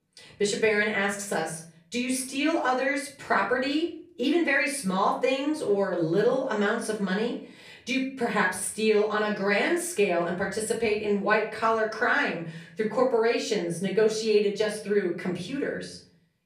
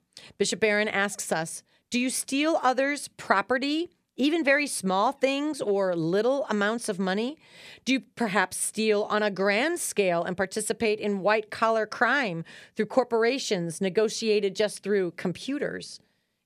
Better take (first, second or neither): second